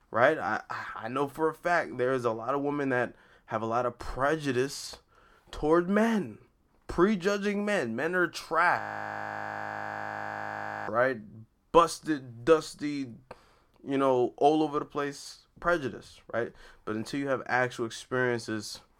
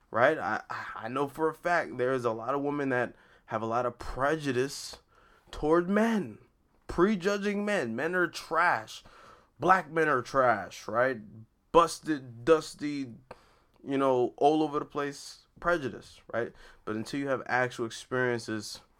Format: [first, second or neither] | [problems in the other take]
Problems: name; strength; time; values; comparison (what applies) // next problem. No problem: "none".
second | audio freezing; at 9 s for 2 s